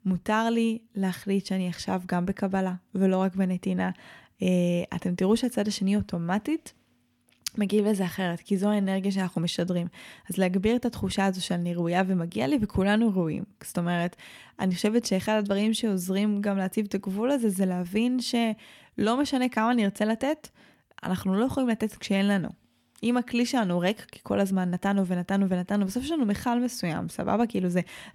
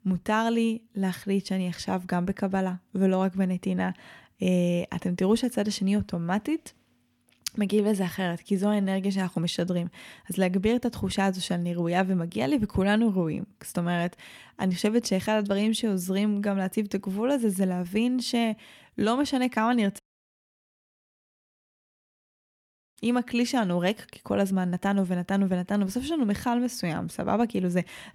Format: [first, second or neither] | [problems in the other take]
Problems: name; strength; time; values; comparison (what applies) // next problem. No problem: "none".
first | audio cutting out; at 20 s for 3 s